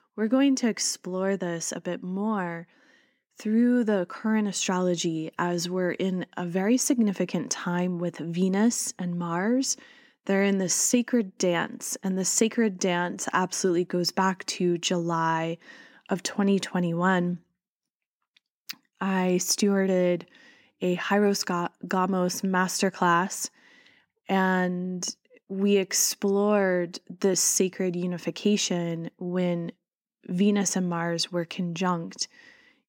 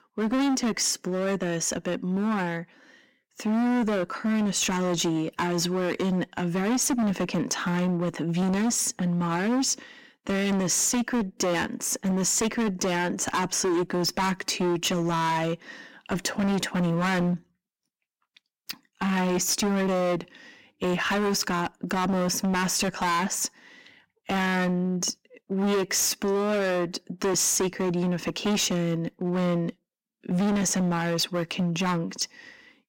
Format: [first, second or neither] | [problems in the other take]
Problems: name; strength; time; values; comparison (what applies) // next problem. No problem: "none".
first | distortion; heavy; 21% of the sound clipped